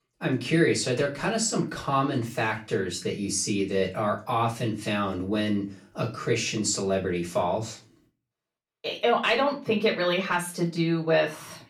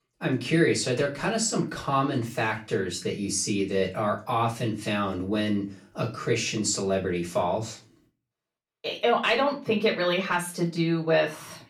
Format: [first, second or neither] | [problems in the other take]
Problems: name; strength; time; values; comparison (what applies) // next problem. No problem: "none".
neither | off-mic speech; far; the same in both // room echo; very slight; dies away in 0.3 s; the same in both